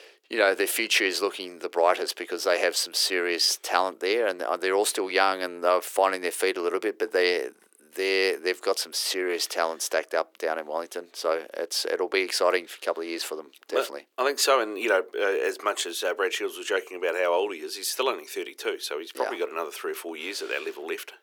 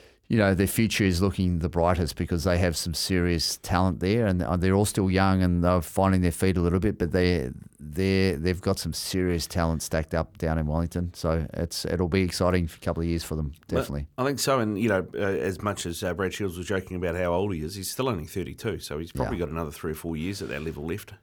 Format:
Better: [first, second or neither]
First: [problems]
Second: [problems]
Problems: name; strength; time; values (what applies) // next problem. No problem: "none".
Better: second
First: thin; very; fading below 350 Hz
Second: none